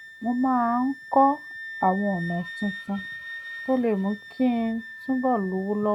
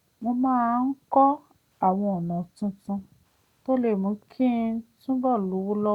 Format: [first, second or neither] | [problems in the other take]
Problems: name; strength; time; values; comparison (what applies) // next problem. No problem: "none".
second | background sound (Wind instrument, woodwind instrument); 14 dB below the speech